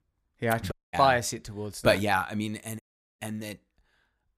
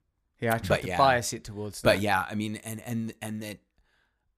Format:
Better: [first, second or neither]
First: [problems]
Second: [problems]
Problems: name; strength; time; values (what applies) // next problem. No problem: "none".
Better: second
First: audio cutting out; at 0.5 s and at 3 s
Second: none